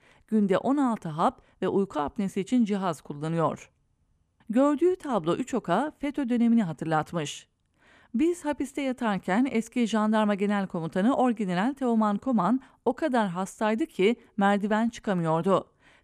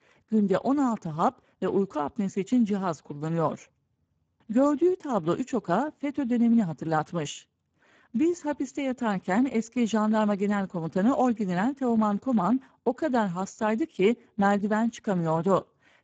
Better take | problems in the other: first | garbled, watery; badly; nothing above 7.5 kHz

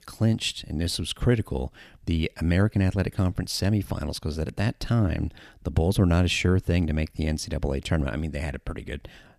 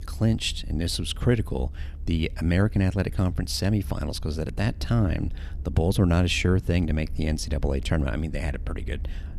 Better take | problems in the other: first | low rumble; faint; throughout; 25 dB below the speech

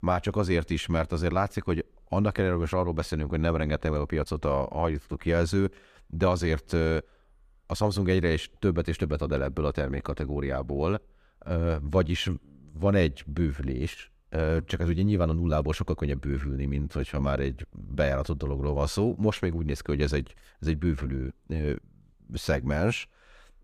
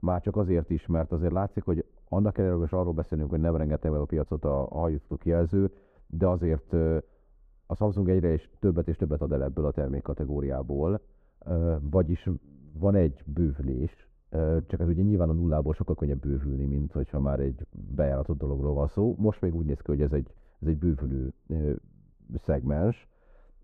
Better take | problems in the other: first | muffled; very; fading above 1.5 kHz

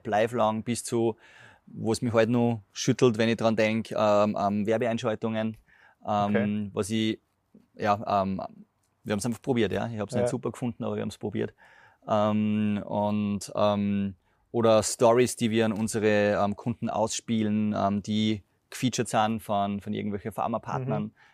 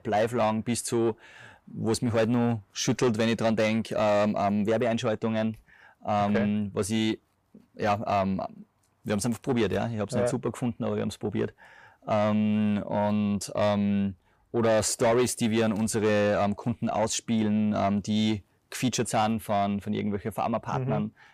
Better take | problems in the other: first | distortion; slight; 10 dB below the speech

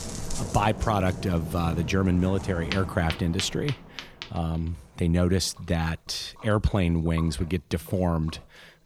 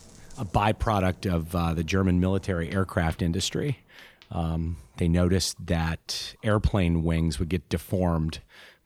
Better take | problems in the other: second | rain or running water; loud; throughout; 9 dB below the speech; faint in the second

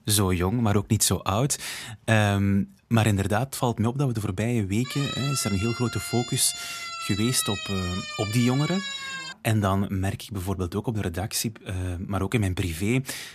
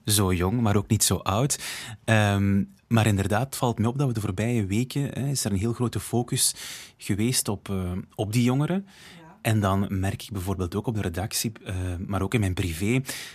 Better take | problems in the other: second | siren; noticeable; from 5 to 9.5 s; peak 5 dB below the speech

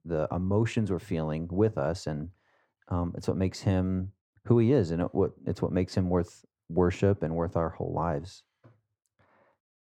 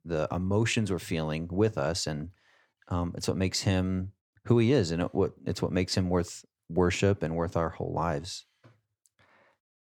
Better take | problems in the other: second | muffled; slightly; fading above 2 kHz

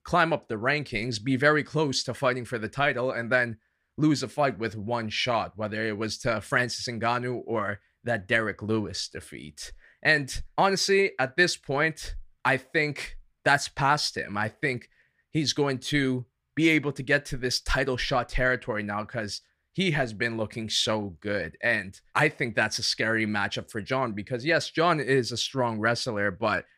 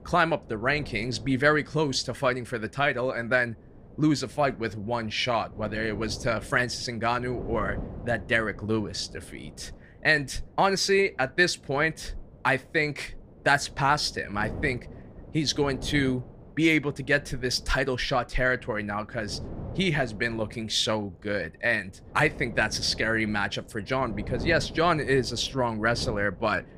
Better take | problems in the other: first | wind noise on the microphone; occasional gusts; 20 dB below the speech

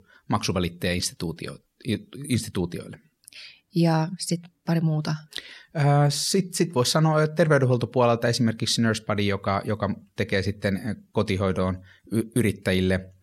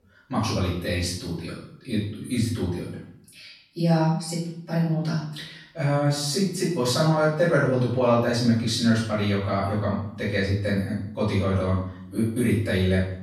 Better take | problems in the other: first | off-mic speech; far // room echo; noticeable; dies away in 0.6 s

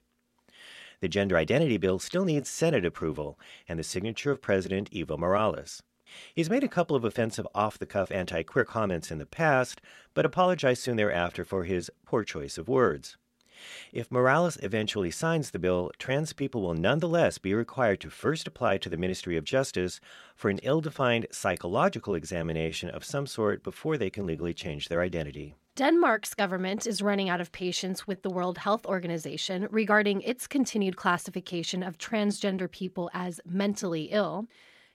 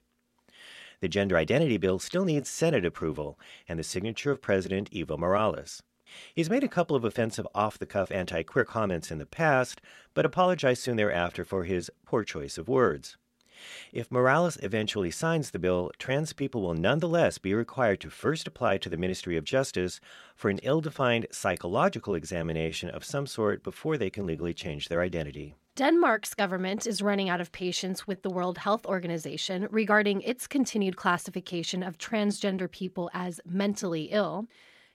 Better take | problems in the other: neither | none

